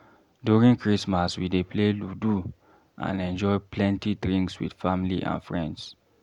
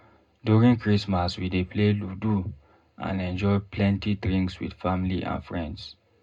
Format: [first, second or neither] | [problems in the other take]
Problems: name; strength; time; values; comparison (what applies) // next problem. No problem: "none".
first | room echo; dies away in 0.2 s